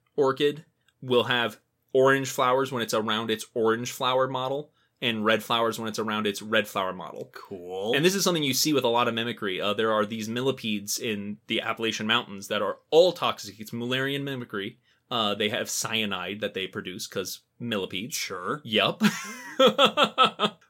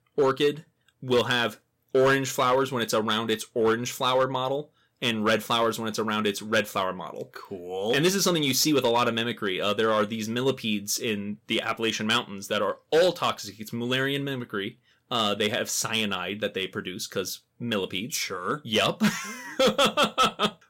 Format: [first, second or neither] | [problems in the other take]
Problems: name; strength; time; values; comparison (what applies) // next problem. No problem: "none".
first | distortion; slight; 3% of the sound clipped